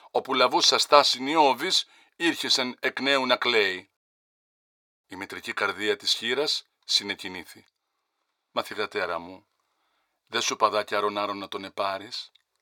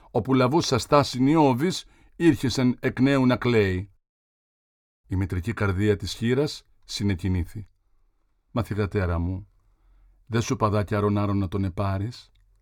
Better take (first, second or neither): second